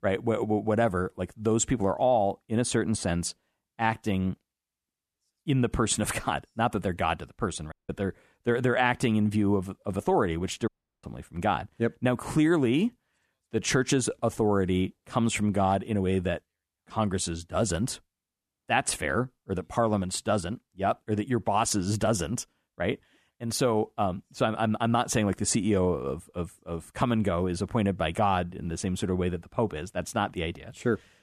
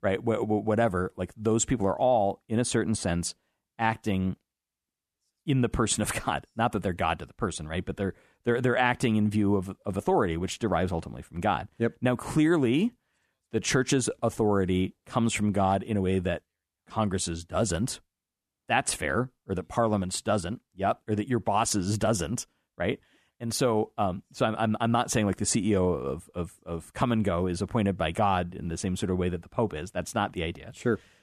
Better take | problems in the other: second | audio cutting out; at 7.5 s and at 11 s

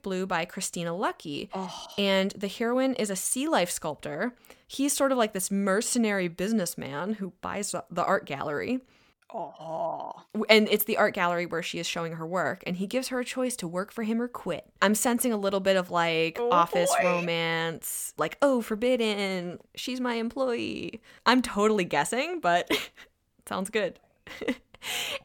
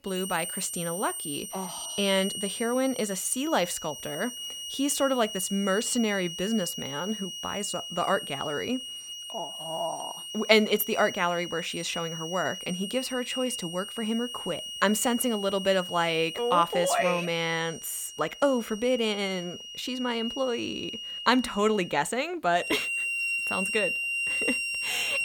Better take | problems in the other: first | background music; loud; throughout; 5 dB below the speech

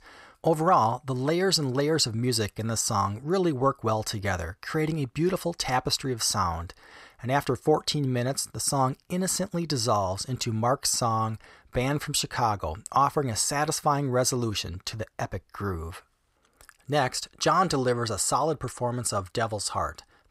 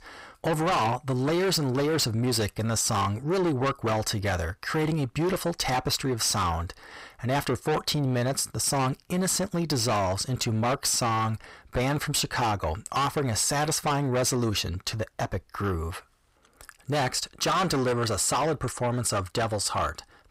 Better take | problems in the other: first | distortion; heavy; 7 dB below the speech

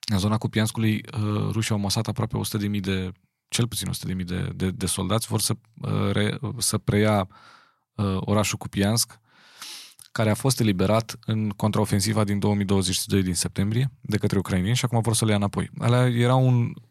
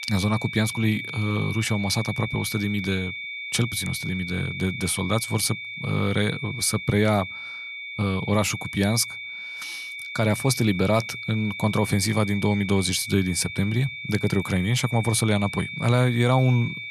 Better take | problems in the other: first | high-pitched whine; loud; throughout; 2.5 kHz, 8 dB below the speech

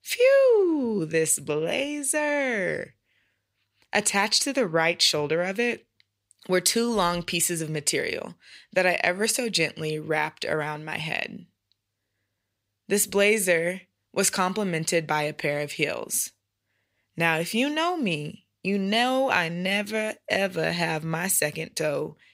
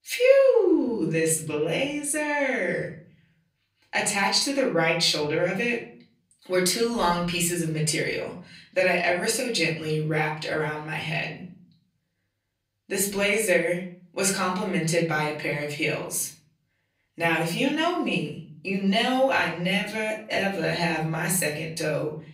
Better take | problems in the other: first | off-mic speech; far // room echo; slight; dies away in 0.5 s

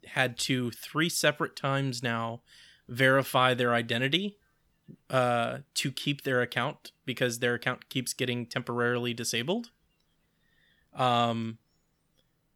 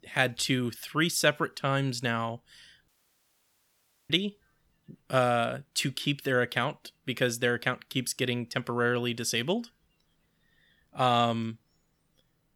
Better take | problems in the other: first | audio cutting out; at 3 s for 1 s

